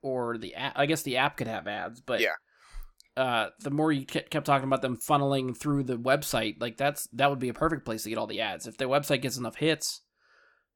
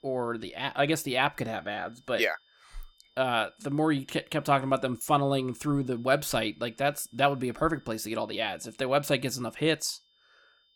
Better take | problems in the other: first | high-pitched whine; faint; throughout; 3.5 kHz, 35 dB below the speech

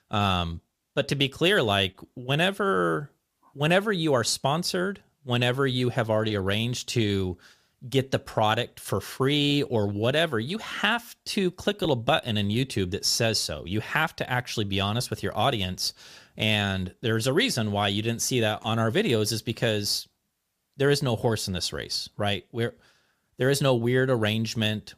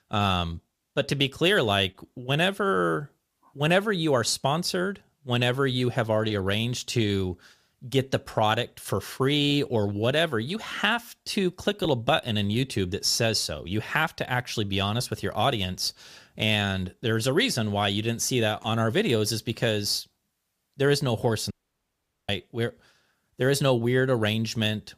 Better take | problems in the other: first | audio cutting out; at 22 s for 1 s

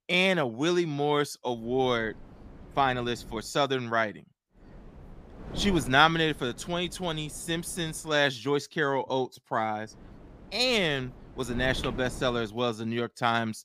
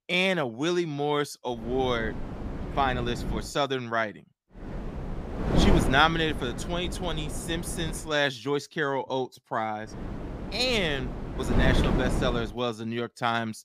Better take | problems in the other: first | wind noise on the microphone; heavy; from 1.5 to 3.5 s, from 4.5 to 8 s and from 10 to 12 s; 8 dB below the speech; occasional gusts in the first

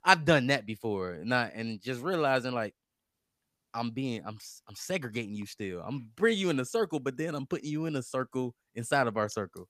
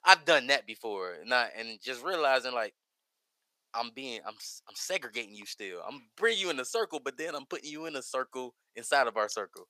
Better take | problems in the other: first | thin; very; fading below 600 Hz

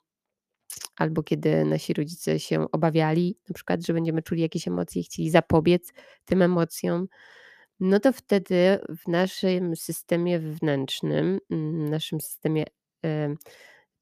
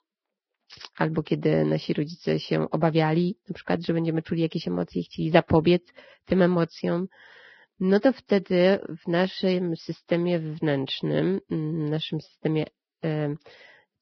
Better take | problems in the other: first | garbled, watery; badly; nothing above 5.5 kHz

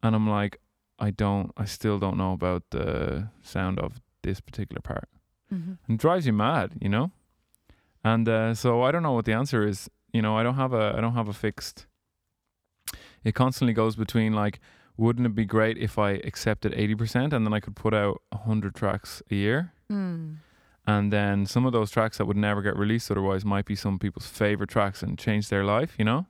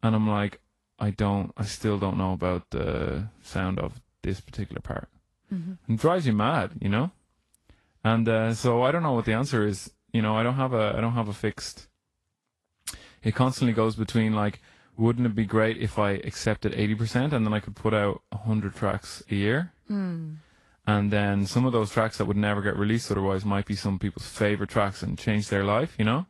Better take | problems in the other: first | garbled, watery; slightly; nothing above 11 kHz

